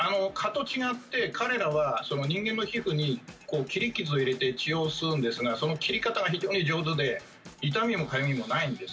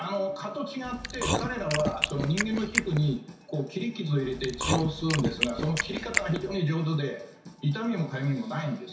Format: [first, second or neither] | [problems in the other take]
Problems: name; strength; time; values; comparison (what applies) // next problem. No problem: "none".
first | background sound (Chewing, mastication); 2 dB below the speech // room echo; dies away in 0.7 s